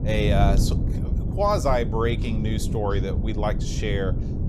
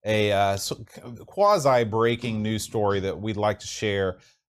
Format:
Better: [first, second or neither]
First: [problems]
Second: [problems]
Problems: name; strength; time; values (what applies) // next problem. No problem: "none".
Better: second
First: wind noise on the microphone; occasional gusts; 10 dB below the speech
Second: none